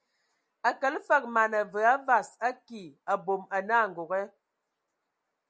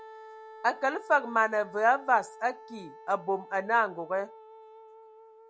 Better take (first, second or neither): first